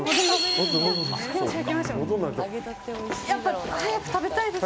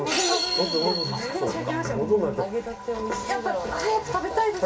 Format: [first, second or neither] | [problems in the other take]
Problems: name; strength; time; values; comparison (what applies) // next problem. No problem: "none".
first | room echo; dies away in 0.2 s